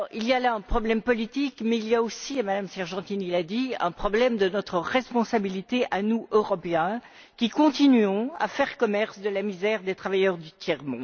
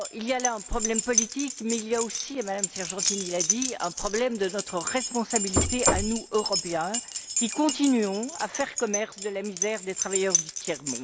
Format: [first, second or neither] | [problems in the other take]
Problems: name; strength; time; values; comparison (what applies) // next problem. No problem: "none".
first | background sound (Knock + Keys jangling); 1 dB below the speech